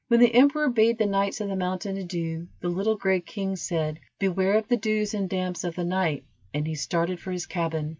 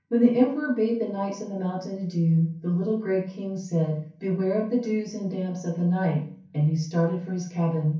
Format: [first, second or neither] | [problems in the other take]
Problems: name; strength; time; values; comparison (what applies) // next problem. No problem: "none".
first | room echo; dies away in 0.6 s